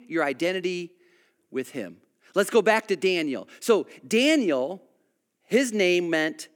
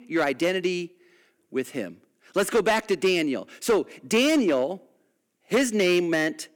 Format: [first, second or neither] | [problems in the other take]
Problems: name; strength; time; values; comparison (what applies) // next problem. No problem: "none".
first | distortion; slight; 6% of the sound clipped